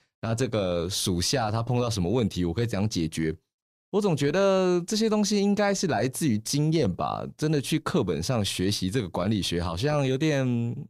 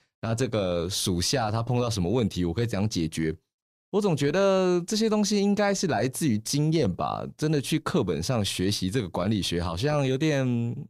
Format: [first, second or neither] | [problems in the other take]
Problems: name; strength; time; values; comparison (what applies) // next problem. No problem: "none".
neither | none